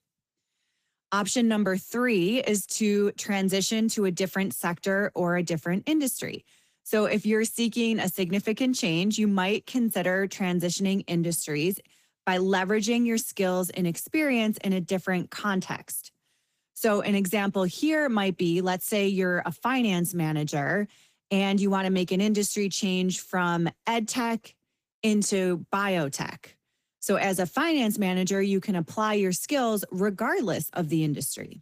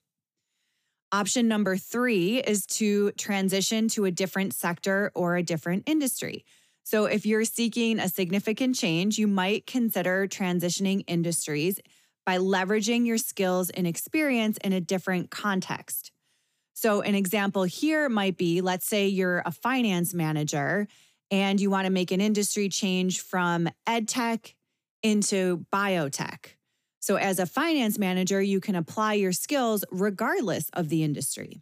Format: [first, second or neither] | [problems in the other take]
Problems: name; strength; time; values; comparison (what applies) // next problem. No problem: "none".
second | garbled, watery; slightly; nothing above 15 kHz